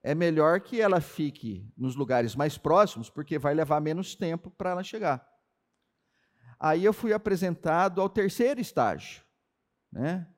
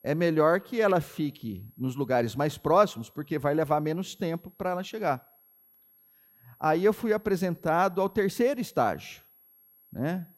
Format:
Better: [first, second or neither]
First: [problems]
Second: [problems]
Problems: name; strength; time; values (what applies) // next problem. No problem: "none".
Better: first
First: none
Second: high-pitched whine; faint; throughout; 11.5 kHz, 30 dB below the speech